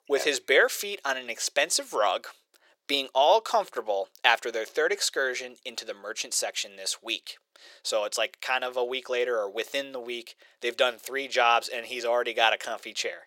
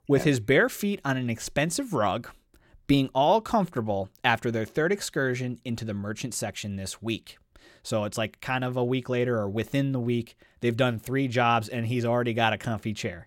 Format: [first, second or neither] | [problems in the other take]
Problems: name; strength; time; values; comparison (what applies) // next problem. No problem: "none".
second | thin; very; fading below 450 Hz